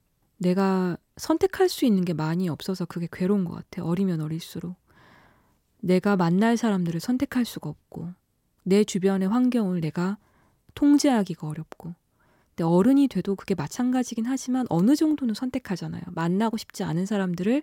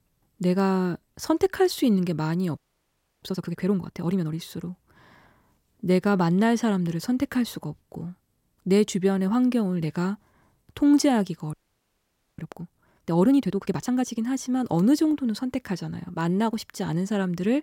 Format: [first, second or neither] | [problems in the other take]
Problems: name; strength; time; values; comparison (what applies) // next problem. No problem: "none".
first | audio freezing; at 2.5 s for 0.5 s and at 12 s for 1 s